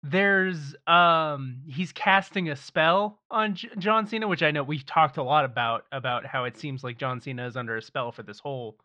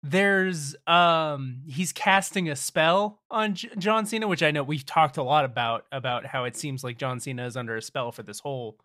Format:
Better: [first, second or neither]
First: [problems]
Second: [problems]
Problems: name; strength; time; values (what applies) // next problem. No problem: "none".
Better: second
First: muffled; slightly; fading above 4.5 kHz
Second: none